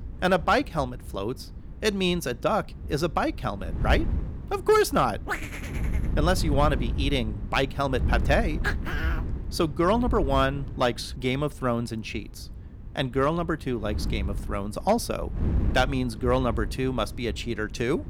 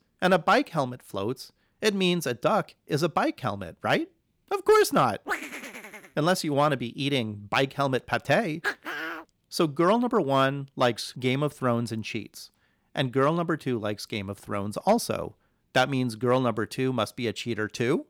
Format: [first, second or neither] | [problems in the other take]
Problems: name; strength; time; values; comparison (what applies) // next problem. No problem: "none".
second | wind noise on the microphone; occasional gusts; 20 dB below the speech